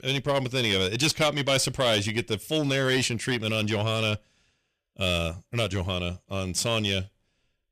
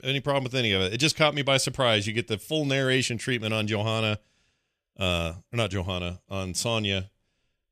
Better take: second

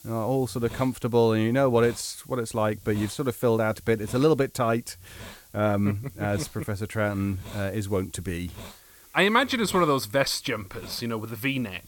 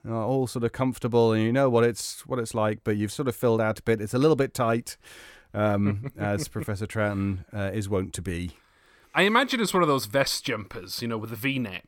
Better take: second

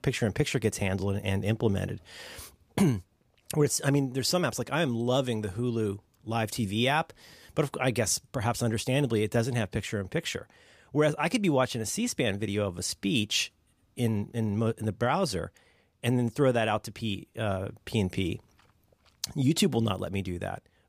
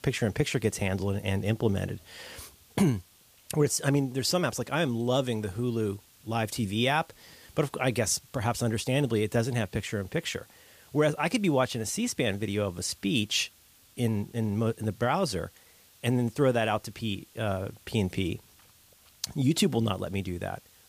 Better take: first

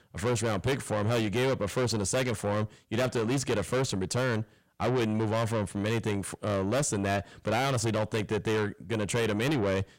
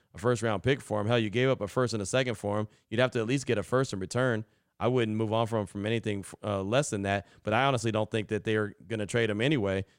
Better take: second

